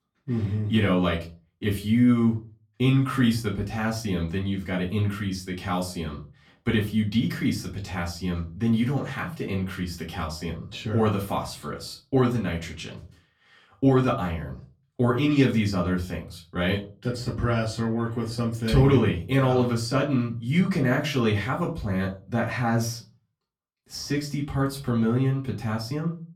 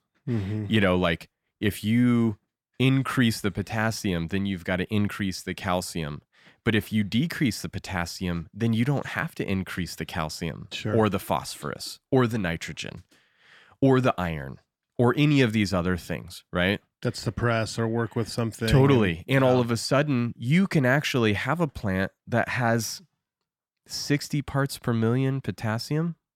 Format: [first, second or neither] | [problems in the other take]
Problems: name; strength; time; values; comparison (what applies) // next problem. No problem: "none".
second | off-mic speech; far // room echo; very slight; dies away in 0.3 s